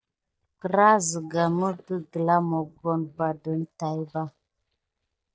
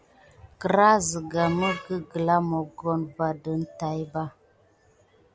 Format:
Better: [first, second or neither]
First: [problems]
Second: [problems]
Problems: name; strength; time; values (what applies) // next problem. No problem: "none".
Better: second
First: noise reduction (neural mask model DeepFilterNet 3)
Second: none